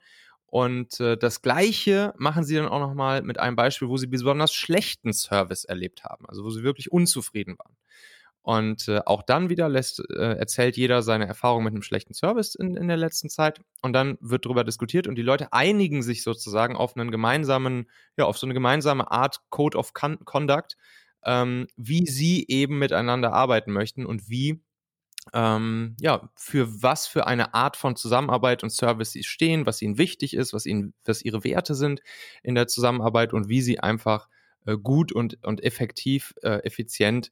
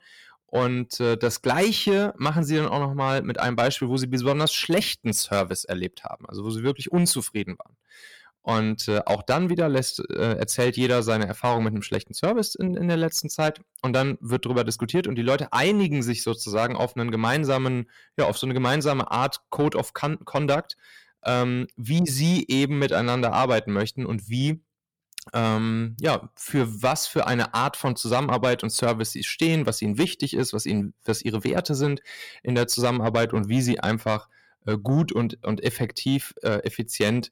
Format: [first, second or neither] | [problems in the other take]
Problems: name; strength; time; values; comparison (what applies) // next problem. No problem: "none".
first | distortion; slight; 10 dB below the speech